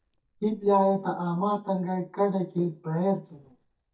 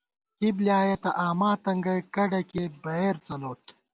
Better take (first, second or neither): second